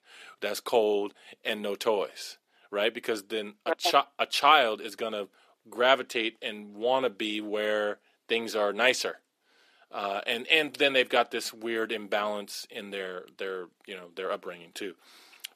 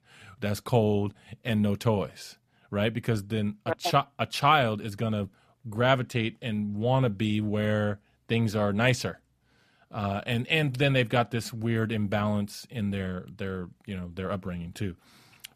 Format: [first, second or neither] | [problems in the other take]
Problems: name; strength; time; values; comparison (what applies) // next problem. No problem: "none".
second | thin; very; fading below 350 Hz